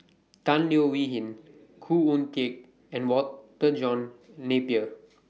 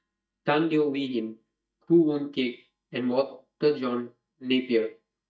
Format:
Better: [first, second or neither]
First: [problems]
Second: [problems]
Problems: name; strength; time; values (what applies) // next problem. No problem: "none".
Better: first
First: none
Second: noise reduction (neural mask model DeepFilterNet 3)